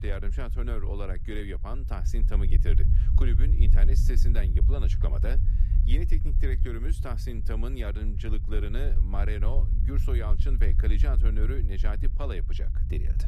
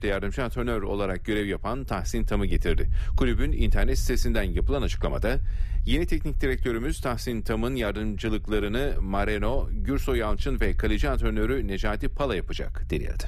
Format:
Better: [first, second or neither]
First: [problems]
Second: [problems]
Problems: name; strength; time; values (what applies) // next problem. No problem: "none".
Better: second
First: low rumble; loud; throughout; 7 dB below the speech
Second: low rumble; faint; throughout; 25 dB below the speech